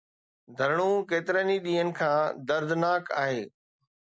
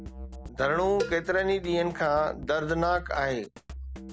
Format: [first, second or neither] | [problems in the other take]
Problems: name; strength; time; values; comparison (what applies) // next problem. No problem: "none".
first | background sound (Cowbell + Drum kit); 11 dB below the speech